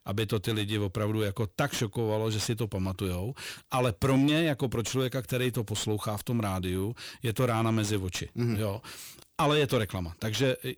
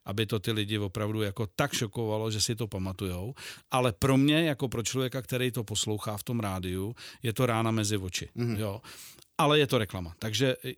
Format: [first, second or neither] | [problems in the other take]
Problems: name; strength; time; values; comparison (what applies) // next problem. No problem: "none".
second | distortion; slight; 10 dB below the speech